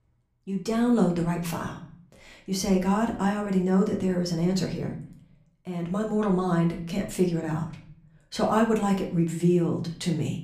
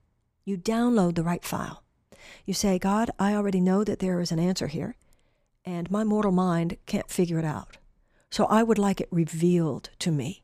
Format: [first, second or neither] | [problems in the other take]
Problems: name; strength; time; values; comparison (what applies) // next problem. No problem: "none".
second | room echo; slight; dies away in 0.5 s // off-mic speech; somewhat distant